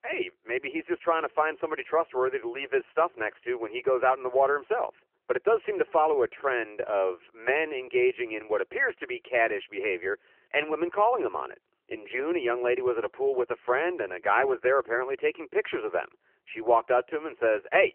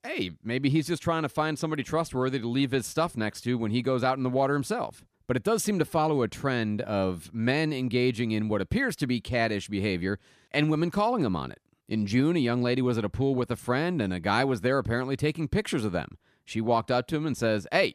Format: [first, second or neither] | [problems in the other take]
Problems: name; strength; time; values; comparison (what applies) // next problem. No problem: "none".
second | phone-call audio; nothing above 3 kHz